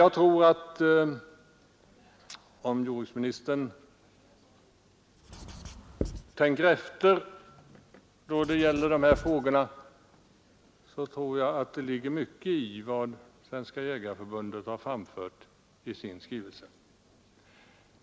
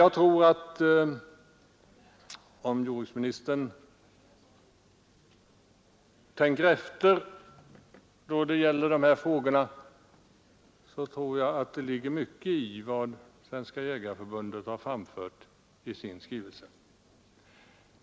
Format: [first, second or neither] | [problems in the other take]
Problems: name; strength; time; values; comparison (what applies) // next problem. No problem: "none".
second | background sound (Writing); 10 dB below the speech